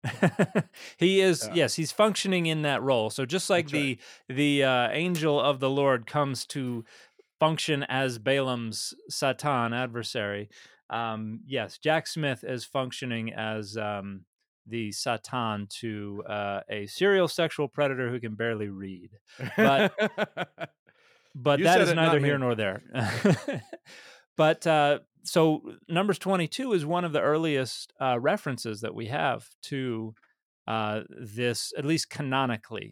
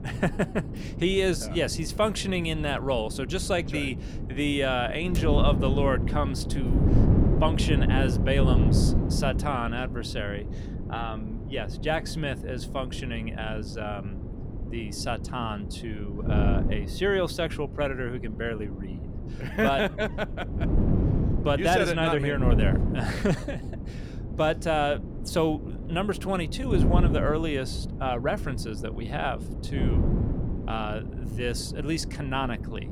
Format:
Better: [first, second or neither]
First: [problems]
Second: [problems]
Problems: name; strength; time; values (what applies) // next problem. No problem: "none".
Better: first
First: none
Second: wind noise on the microphone; heavy; 9 dB below the speech